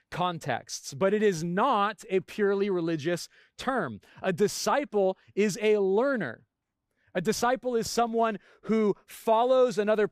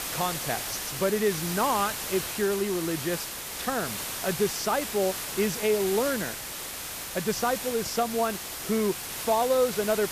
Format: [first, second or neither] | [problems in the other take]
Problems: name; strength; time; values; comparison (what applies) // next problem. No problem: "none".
first | hiss; loud; throughout; 4 dB below the speech